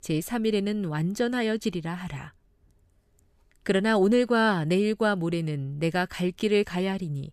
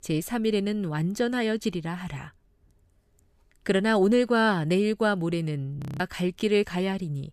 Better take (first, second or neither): first